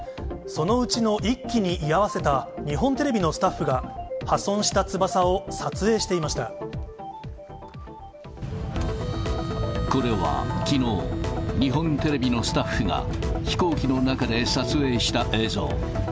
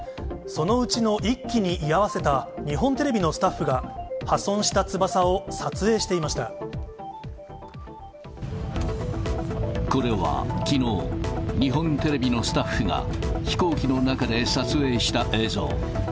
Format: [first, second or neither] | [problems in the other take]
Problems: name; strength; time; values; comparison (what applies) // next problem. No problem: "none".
second | background sound (Harmonica); 17 dB below the speech